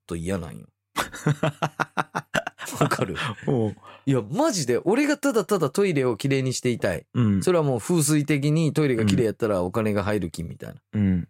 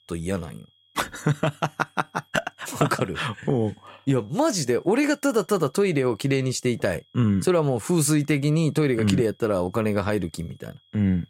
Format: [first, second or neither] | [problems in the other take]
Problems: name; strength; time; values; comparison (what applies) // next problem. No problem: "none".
first | high-pitched whine; faint; throughout; 3.5 kHz, 35 dB below the speech